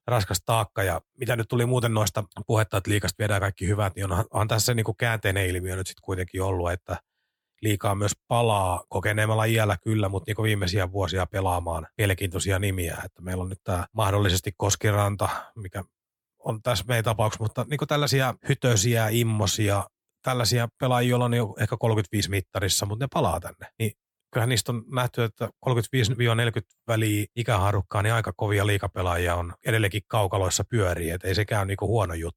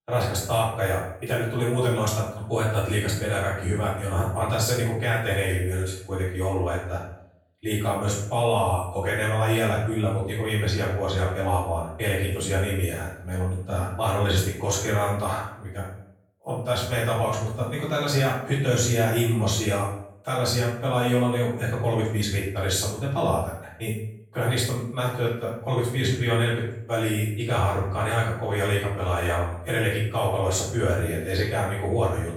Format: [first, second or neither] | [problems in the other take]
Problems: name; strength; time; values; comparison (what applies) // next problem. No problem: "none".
first | off-mic speech; far // room echo; noticeable; dies away in 0.6 s